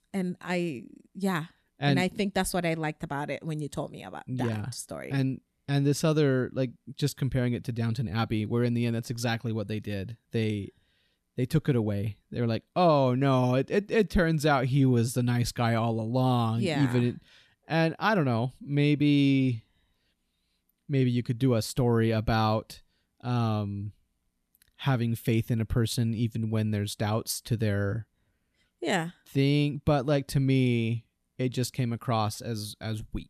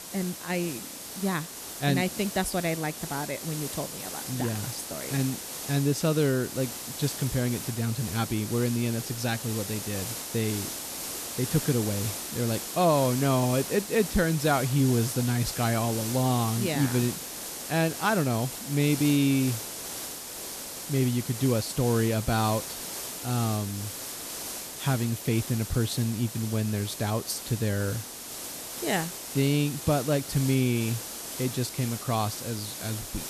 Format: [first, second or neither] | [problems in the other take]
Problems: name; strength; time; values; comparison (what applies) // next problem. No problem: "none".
first | hiss; loud; throughout; 7 dB below the speech